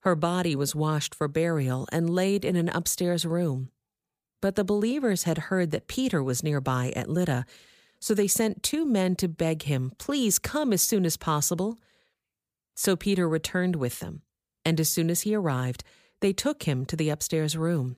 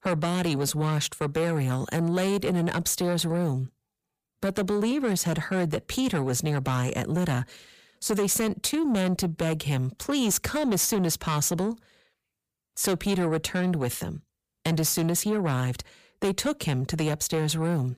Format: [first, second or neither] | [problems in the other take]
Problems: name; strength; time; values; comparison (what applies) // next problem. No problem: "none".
first | distortion; slight; 10 dB below the speech